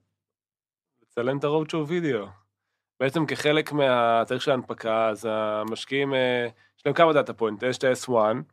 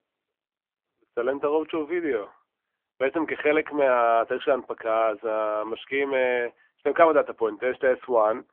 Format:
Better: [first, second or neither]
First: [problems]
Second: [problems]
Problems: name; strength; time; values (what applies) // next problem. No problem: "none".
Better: first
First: none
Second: phone-call audio; nothing above 3.5 kHz